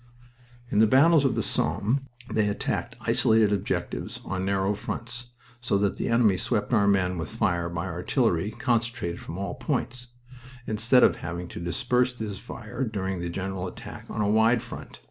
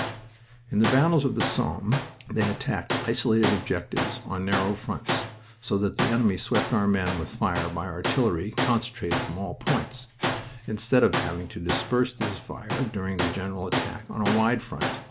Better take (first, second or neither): first